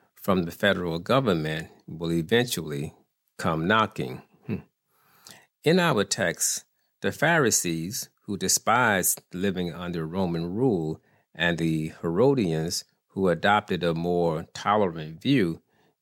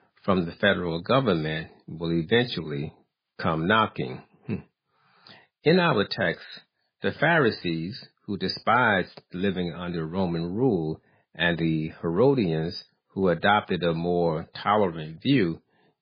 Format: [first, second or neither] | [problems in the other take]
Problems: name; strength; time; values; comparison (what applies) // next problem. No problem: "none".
first | garbled, watery; badly